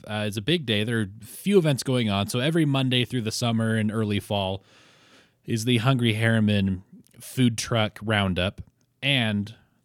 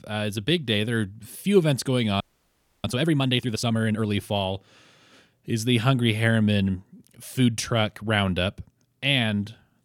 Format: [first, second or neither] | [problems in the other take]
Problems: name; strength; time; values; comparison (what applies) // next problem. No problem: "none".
first | audio freezing; at 2 s for 0.5 s